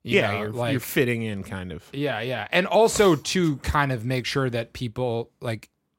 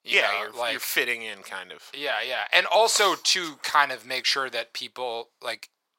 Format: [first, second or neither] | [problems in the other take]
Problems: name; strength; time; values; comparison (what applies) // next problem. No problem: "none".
first | thin; very; fading below 850 Hz